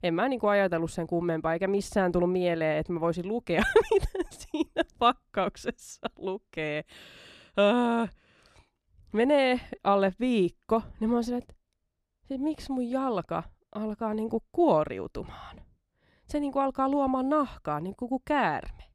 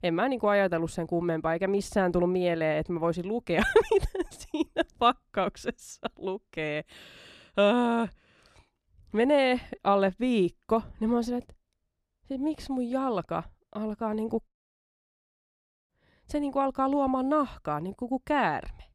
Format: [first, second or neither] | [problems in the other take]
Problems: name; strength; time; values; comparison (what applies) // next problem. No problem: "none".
first | audio cutting out; at 14 s for 1.5 s